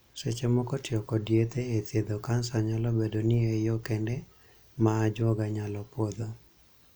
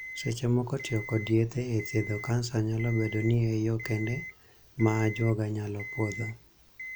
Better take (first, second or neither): first